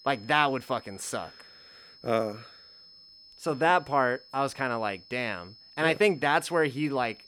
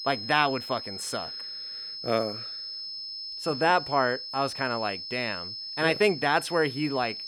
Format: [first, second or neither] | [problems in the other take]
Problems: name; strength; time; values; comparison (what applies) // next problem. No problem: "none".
first | high-pitched whine; loud; throughout; 5 kHz, 8 dB below the speech; faint in the first